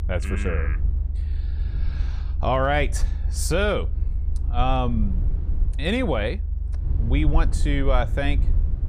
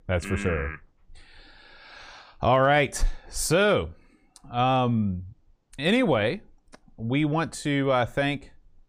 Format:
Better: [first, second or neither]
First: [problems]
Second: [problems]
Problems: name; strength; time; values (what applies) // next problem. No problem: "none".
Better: second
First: low rumble; noticeable; throughout; 20 dB below the speech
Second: none